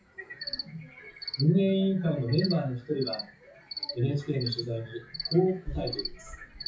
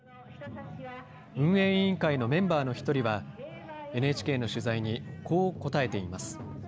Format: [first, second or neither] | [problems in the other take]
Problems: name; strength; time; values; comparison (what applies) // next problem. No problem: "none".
second | noise reduction (classical method WPE with log-MMSE)